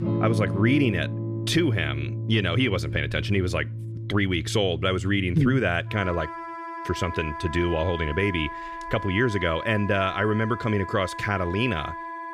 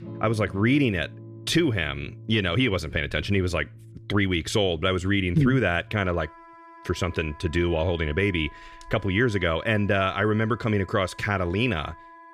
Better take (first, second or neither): second